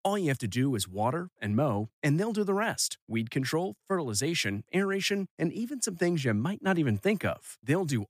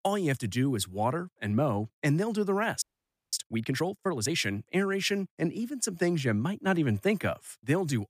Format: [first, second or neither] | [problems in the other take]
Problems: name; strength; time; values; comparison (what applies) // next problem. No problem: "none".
first | audio freezing; at 3 s for 0.5 s